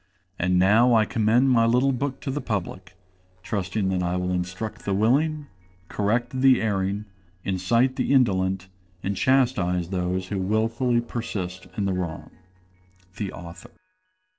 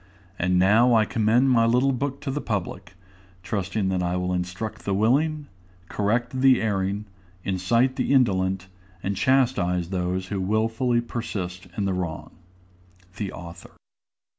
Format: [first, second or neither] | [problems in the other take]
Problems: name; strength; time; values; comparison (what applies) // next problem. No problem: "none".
second | noise reduction (neural separator model SepFormer DNS4)